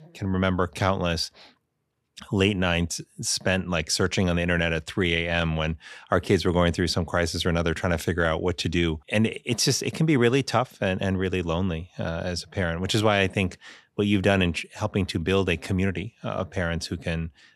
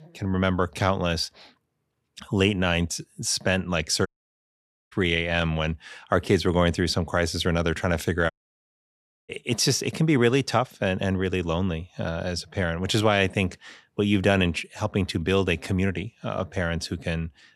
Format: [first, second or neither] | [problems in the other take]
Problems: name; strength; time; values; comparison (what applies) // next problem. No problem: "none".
first | audio cutting out; at 4 s for 1 s and at 8.5 s for 1 s